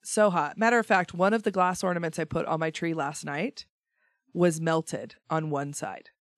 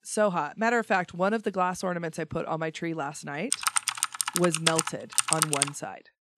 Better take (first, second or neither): first